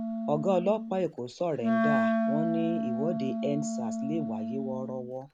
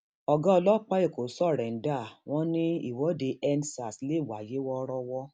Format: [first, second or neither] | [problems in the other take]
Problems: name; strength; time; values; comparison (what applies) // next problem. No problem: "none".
second | background sound (Wind instrument, woodwind instrument); 1 dB above the speech